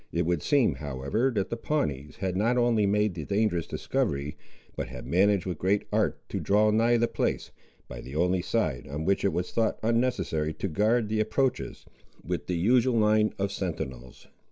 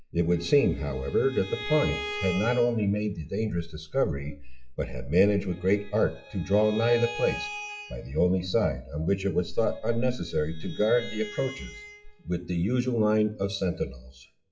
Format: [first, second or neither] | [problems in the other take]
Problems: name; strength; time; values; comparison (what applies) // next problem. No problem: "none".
first | noise reduction (classical method WPE with log-MMSE)